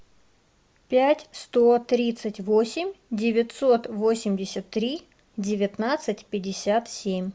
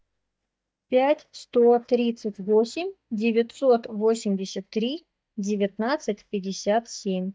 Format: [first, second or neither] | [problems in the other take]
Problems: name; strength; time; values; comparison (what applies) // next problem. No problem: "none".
first | noise reduction (neural mask model DeepFilterNet 3)